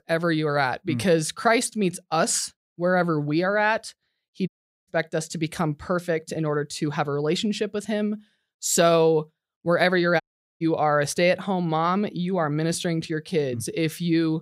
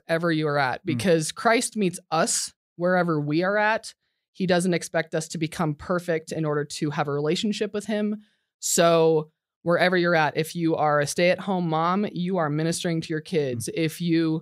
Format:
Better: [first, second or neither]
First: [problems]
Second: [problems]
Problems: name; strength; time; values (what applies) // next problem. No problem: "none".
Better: second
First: audio cutting out; at 4.5 s and at 10 s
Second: none